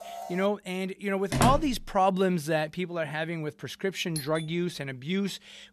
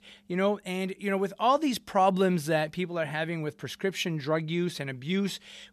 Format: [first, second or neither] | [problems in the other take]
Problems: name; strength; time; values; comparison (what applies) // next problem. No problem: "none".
second | alarm; faint; at the start; peak 10 dB below the speech // door banging; loud; at 1.5 s; peak 3 dB above the speech // doorbell; noticeable; at 4 s; peak 9 dB below the speech